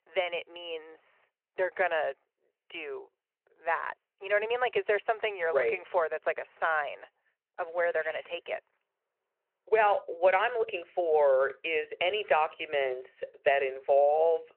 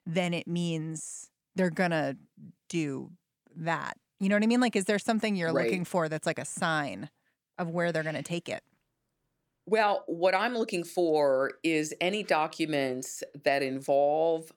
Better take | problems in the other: second | phone-call audio

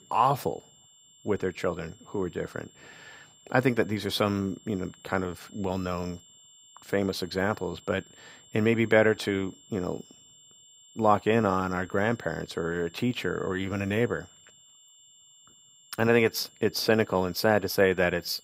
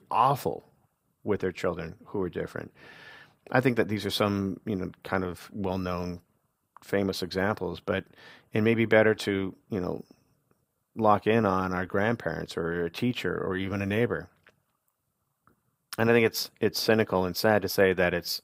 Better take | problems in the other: second | high-pitched whine; faint; throughout; 7.5 kHz, 25 dB below the speech

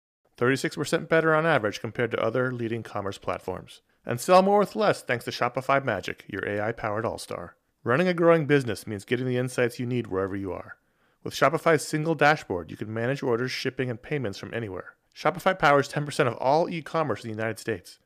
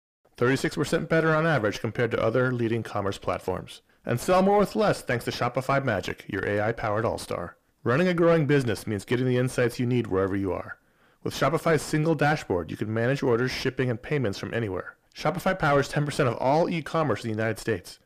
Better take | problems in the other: first | distortion; heavy; 7 dB below the speech

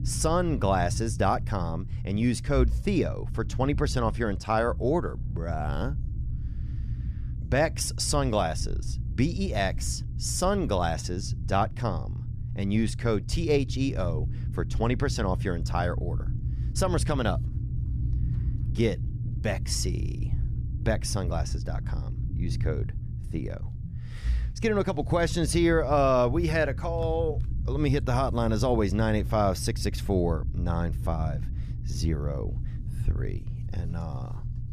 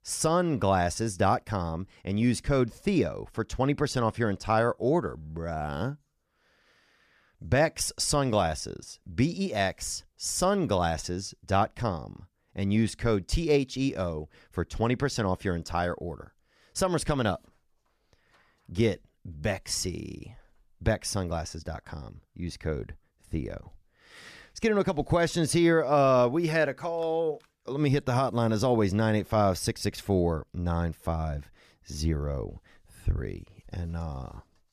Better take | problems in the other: second | low rumble; noticeable; throughout; 20 dB below the speech

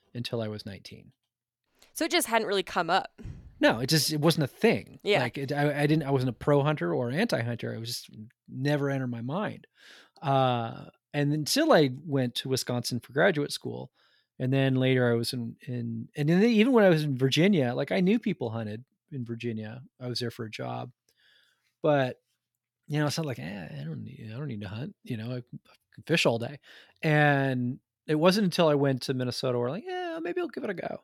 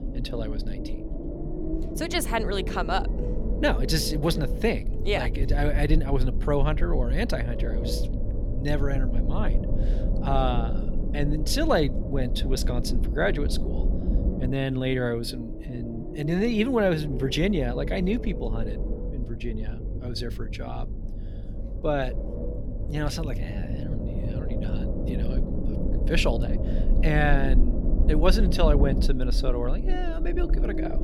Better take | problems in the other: first | low rumble; loud; throughout; 10 dB below the speech

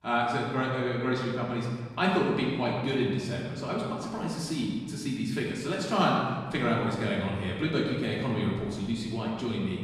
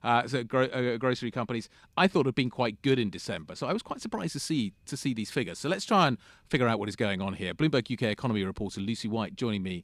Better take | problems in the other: second | off-mic speech; far // room echo; noticeable; dies away in 1.6 s

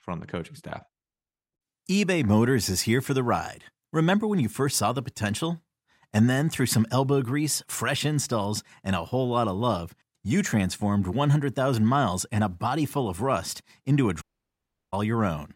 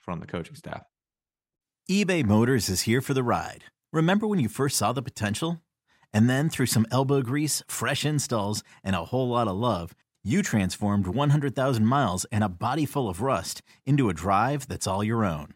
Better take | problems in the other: second | audio cutting out; at 14 s for 0.5 s

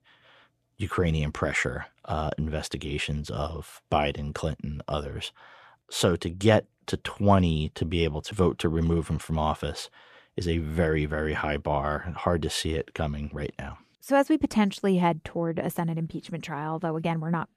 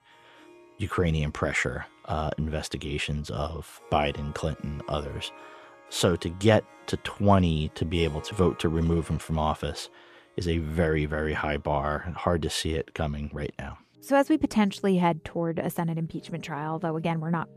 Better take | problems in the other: first | background music; faint; throughout; 25 dB below the speech

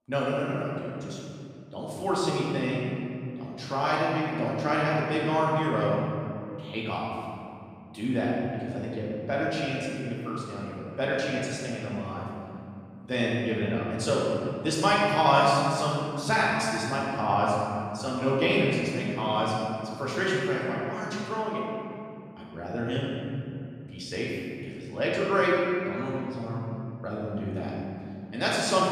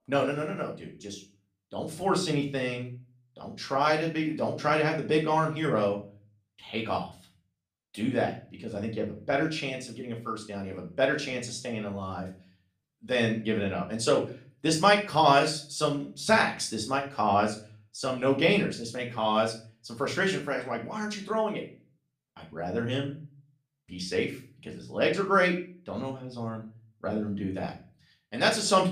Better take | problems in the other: second | room echo; strong; dies away in 2.7 s; slight in the second // off-mic speech; far; far in the second

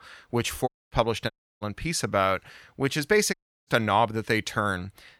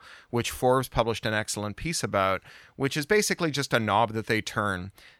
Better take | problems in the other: second | audio cutting out; at 0.5 s, at 1.5 s and at 3.5 s

